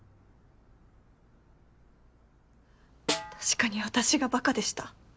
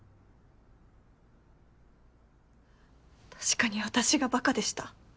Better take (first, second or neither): second